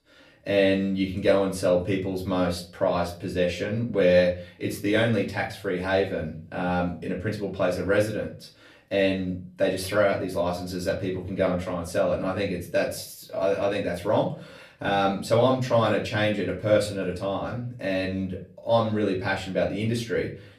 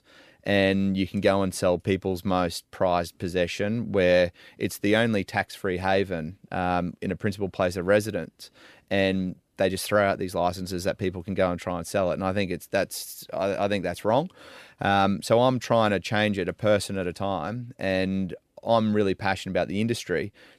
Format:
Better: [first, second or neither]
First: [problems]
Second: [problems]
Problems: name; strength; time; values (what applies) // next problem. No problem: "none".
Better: second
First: room echo; slight; dies away in 0.4 s // off-mic speech; far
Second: none